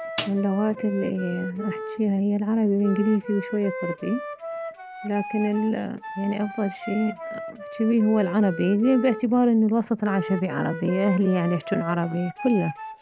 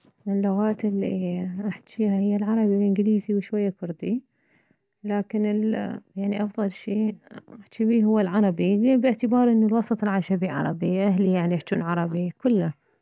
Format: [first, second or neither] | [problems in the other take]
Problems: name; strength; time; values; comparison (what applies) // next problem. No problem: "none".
second | background sound (Wind instrument, woodwind instrument + Snare drum); 11 dB below the speech